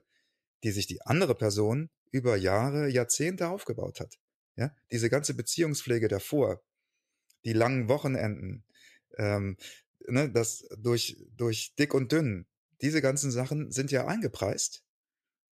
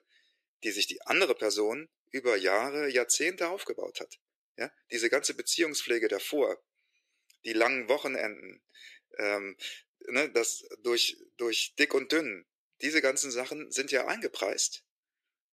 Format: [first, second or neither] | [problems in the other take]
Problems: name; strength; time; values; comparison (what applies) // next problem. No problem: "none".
first | thin; somewhat; fading below 350 Hz